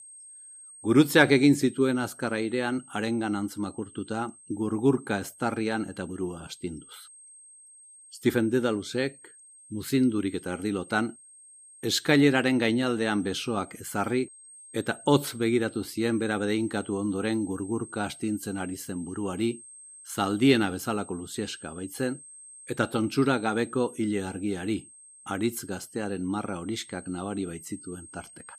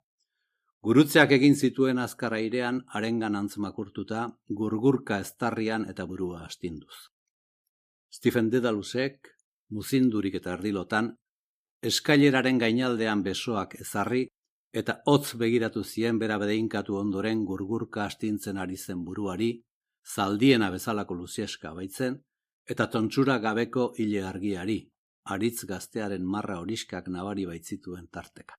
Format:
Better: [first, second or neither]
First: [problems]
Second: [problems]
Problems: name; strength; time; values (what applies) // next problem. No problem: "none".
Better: second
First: high-pitched whine; noticeable; throughout; 8.5 kHz, 20 dB below the speech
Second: none